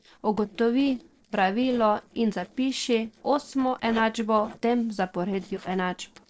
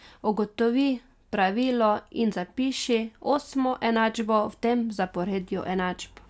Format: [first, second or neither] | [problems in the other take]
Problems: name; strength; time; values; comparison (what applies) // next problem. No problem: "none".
second | noise reduction (neural separator model SepFormer DNS4)